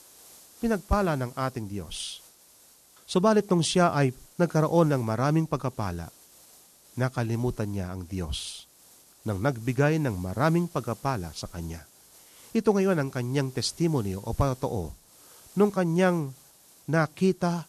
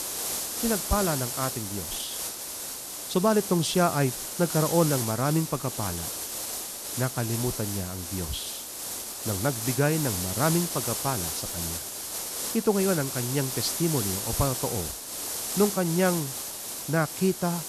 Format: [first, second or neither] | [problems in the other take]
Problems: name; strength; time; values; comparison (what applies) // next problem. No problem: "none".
first | hiss; loud; throughout; 3 dB below the speech; faint in the first